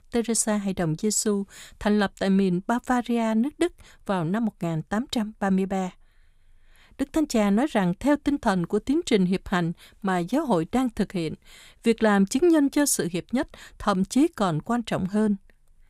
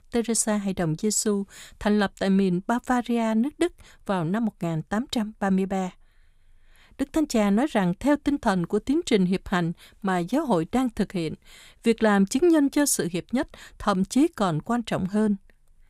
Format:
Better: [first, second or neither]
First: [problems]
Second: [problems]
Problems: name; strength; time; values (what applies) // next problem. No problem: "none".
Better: neither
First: none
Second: none